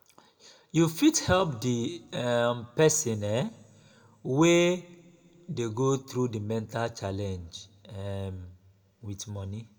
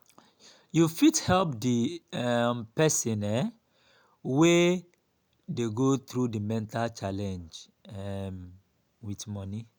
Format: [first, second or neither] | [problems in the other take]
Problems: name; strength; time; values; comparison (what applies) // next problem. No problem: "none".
second | room echo; dies away in 0.6 s